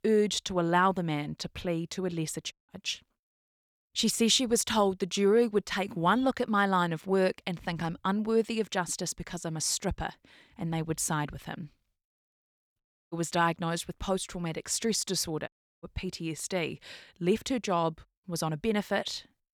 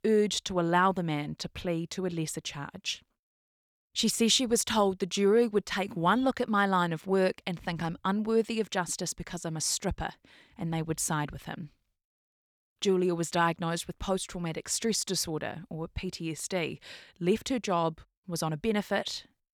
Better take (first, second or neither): second